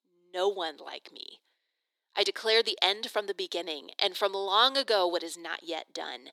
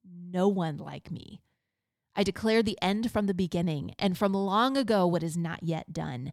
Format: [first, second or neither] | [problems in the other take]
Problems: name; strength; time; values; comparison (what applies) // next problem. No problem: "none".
second | thin; very; fading below 350 Hz